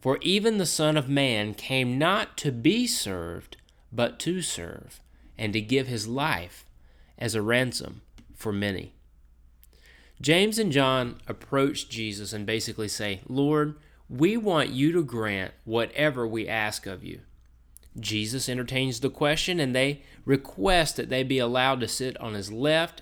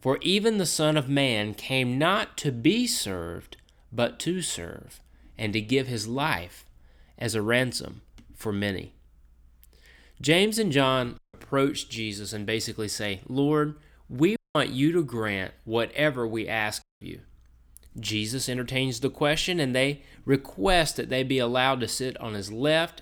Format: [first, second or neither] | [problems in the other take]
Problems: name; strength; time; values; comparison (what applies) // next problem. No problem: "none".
first | audio cutting out; at 11 s, at 14 s and at 17 s